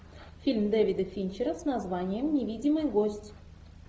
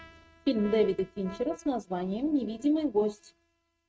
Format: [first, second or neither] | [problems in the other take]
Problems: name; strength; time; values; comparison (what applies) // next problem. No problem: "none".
first | noise reduction (neural mask model RNNoise)